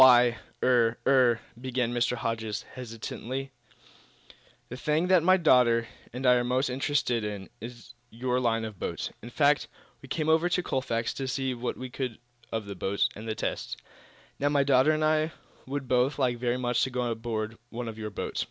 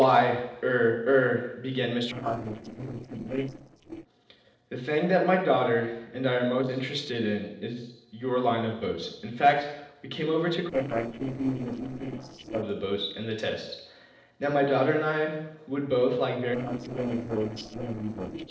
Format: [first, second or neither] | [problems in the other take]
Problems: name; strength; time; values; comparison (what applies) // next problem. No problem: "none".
first | noise reduction (neural separator model SepFormer DNS4)